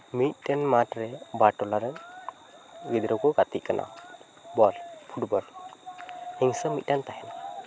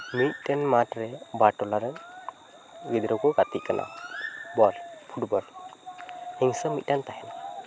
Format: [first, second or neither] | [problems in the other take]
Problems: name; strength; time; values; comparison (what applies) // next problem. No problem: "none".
first | background sound (Bird); 17 dB below the speech